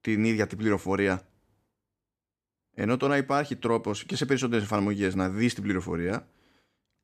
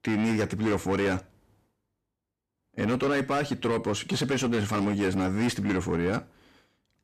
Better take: first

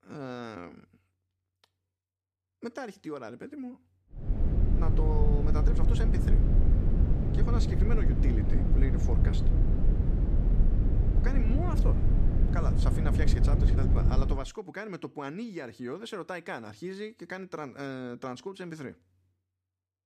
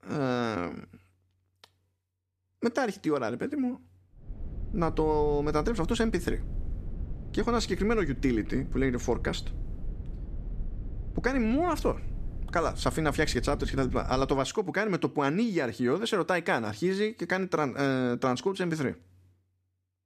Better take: second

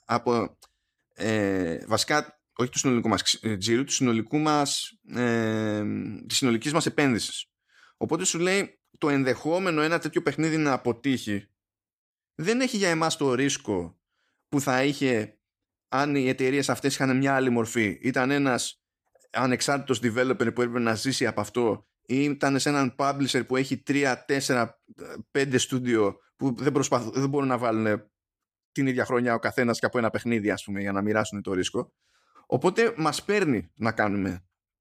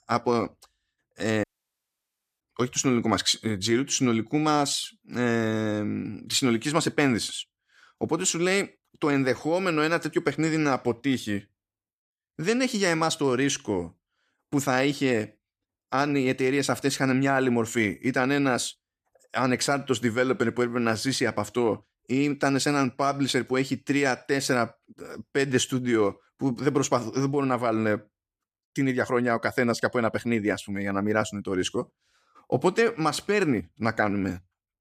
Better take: first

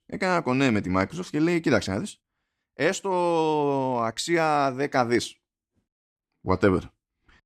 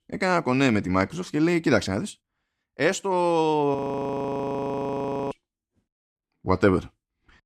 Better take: first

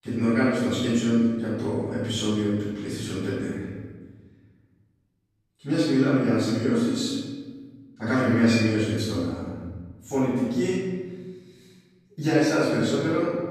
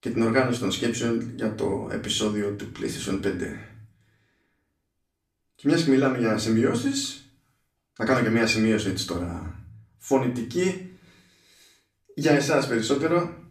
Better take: second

